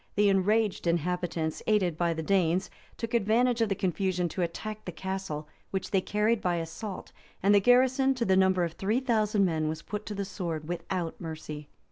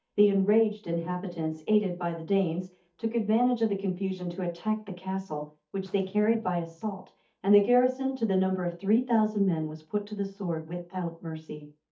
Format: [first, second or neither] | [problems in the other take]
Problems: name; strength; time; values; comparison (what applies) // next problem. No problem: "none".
first | noise reduction (neural mask model DeepFilterNet 3)